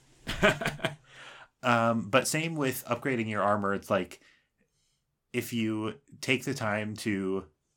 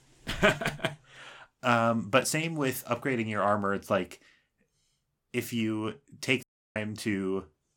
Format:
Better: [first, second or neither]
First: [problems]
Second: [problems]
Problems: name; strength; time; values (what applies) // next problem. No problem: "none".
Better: first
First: none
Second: audio cutting out; at 6.5 s